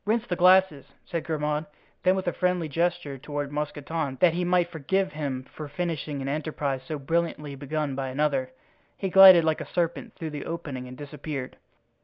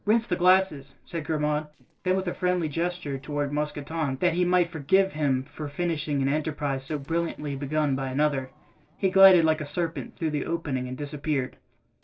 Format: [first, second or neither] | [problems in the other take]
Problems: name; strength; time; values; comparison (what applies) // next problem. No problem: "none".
first | noise reduction (neural separator model SepFormer DNS4)